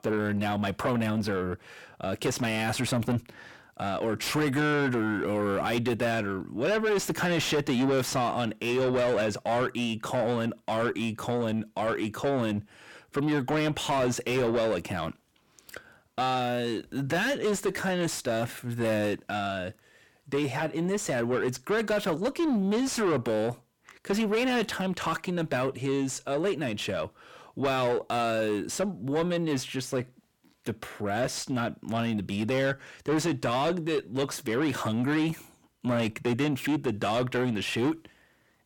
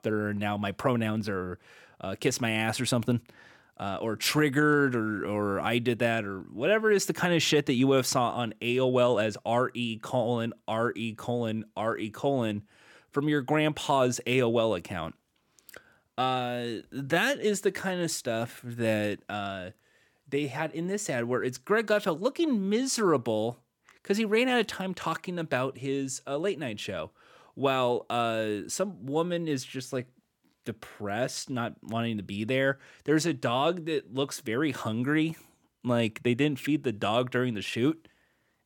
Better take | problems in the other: second | distortion; heavy; 8 dB below the speech

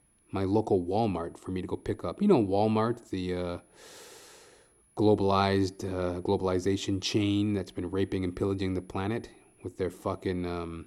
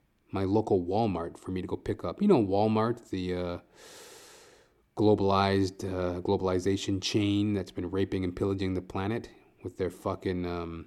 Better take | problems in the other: second | high-pitched whine; faint; throughout; 10.5 kHz, 35 dB below the speech

